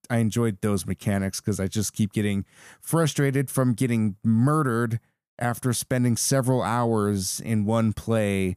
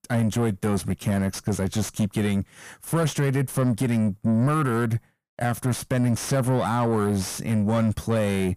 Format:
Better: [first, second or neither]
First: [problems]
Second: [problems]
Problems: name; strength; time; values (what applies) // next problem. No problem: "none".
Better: first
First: none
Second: distortion; slight; 10 dB below the speech